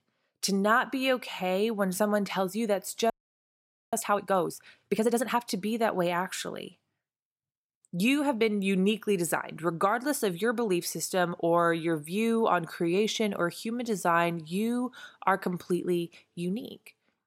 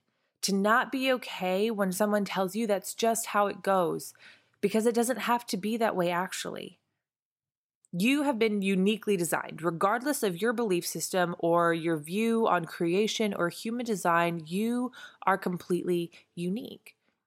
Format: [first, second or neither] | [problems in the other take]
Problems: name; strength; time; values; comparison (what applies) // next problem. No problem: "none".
second | audio freezing; at 3 s for 1 s